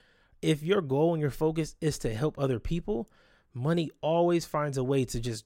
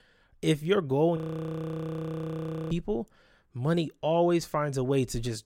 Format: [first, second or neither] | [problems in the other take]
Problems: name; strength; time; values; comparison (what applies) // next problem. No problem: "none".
first | audio freezing; at 1 s for 1.5 s